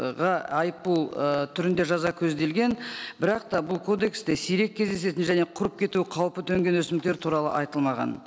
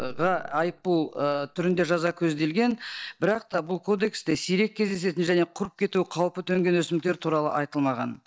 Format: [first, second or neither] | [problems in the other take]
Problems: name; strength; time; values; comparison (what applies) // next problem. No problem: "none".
first | noise reduction (neural mask model DeepFilterNet 3)